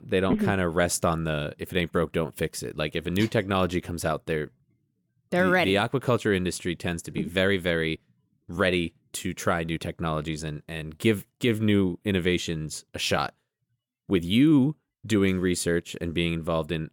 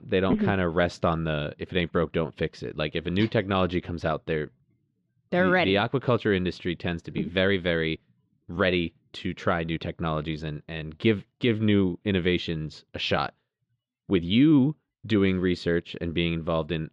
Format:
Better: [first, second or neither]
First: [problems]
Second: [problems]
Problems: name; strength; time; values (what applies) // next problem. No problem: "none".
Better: first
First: none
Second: muffled; slightly; fading above 4 kHz